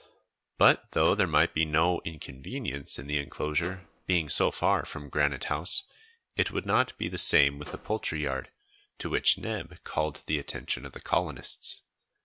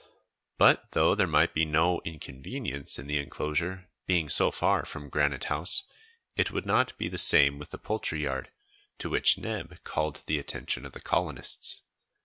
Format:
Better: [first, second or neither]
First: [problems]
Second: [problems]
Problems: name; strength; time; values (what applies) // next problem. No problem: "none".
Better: second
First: background sound (Microwave oven); 19 dB below the speech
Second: none